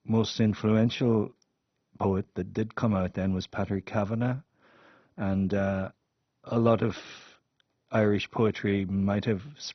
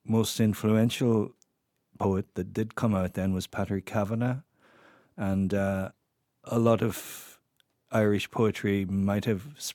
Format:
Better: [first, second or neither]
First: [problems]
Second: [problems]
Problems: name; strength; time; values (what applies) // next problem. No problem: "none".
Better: second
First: garbled, watery; badly; nothing above 6 kHz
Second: none